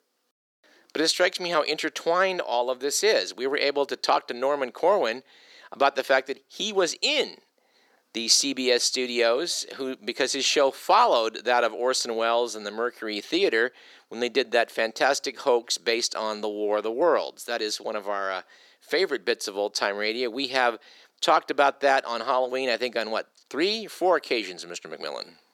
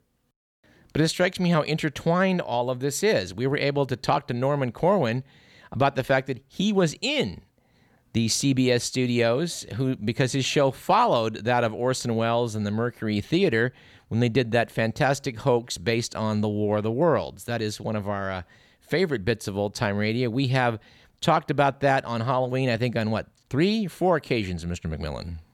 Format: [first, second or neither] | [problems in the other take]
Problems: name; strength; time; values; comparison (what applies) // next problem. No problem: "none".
second | thin; somewhat; fading below 350 Hz